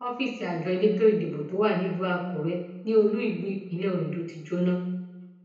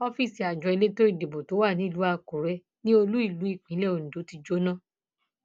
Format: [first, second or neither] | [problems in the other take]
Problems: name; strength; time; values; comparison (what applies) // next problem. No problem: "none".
second | room echo; dies away in 0.9 s